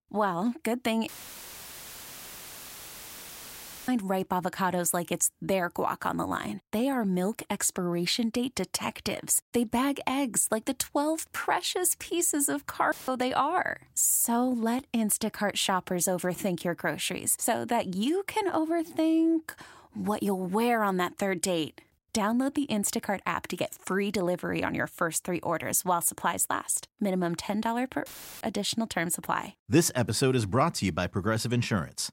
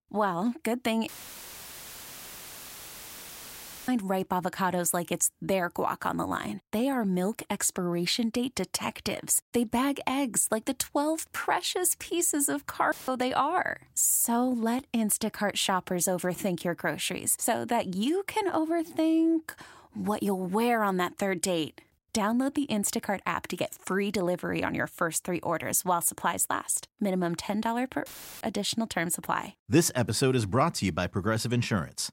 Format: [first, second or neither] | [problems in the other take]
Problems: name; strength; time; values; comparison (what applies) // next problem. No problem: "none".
neither | audio cutting out; filled with static; at 1 s for 3 s, at 13 s and at 28 s; the same in both